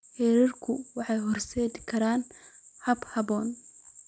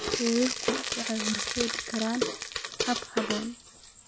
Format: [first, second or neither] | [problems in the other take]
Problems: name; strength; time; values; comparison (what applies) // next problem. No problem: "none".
first | background sound (Frying (food)); as loud as the speech